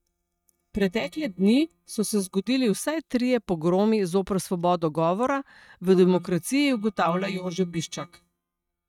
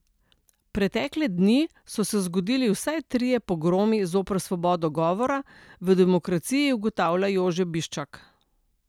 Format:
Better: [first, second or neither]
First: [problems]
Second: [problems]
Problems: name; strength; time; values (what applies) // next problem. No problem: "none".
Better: second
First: noise reduction (neural mask model DeepFilterNet 3)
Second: none